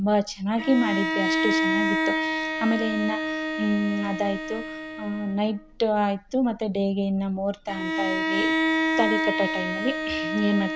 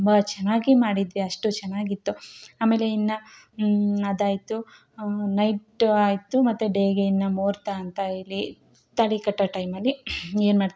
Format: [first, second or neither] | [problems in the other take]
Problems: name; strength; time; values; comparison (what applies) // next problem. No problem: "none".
second | background sound (Bowed string instrument); 1 dB below the speech